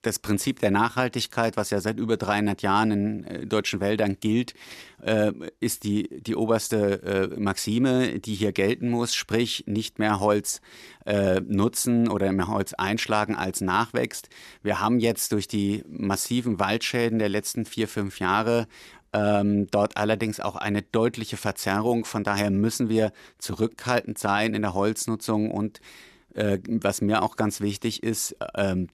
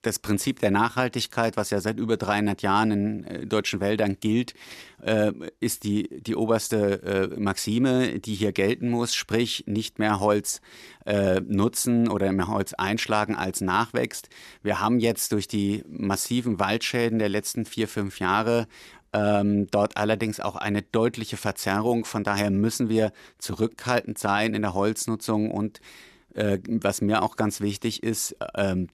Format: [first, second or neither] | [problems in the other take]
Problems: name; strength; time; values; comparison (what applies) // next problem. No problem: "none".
neither | none